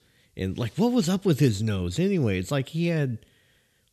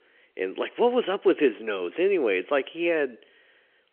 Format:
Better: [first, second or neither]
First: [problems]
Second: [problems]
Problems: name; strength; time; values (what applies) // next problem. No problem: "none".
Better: first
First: none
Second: phone-call audio